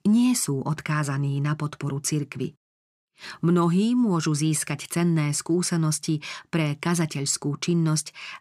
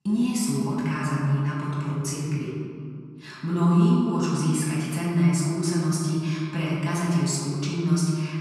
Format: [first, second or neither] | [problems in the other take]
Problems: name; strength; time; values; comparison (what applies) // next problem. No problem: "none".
first | off-mic speech; far // room echo; strong; dies away in 2.1 s